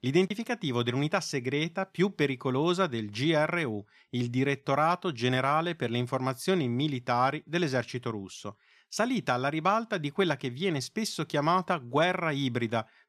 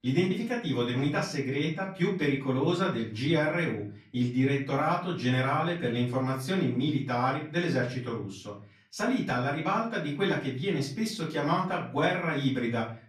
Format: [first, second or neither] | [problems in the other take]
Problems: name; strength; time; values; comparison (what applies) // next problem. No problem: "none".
first | off-mic speech; far // room echo; slight; dies away in 0.4 s